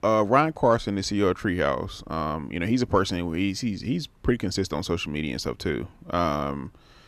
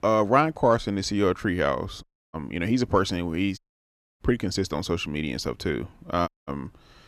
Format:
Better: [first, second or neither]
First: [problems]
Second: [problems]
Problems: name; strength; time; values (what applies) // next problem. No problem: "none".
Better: first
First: none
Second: audio cutting out; at 2 s, at 3.5 s for 0.5 s and at 6.5 s